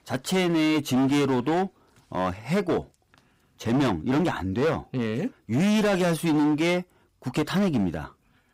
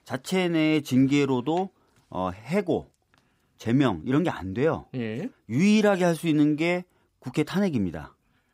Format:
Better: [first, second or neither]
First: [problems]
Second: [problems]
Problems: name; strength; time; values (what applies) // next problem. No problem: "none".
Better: second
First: distortion; heavy; 17% of the sound clipped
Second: none